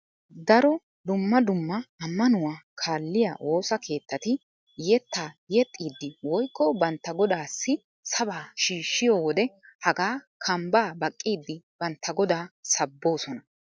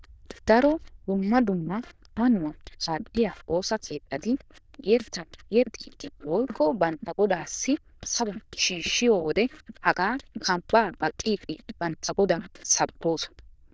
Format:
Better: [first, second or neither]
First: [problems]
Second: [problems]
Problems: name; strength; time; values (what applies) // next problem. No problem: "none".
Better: first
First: none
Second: noise reduction (neural diffusion model UNIVERSE++)